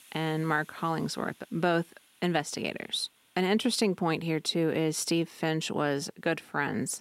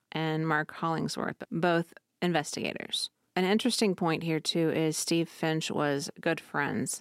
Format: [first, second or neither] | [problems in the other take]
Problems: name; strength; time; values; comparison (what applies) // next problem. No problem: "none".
second | hiss; faint; throughout; 30 dB below the speech